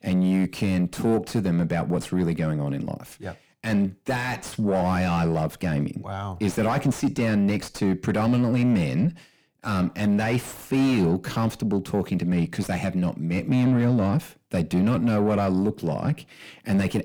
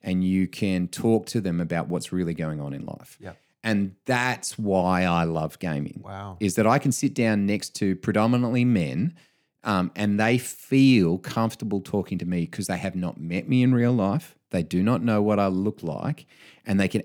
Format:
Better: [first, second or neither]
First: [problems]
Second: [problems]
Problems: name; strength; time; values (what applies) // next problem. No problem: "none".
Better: second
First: distortion; heavy; 7 dB below the speech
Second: none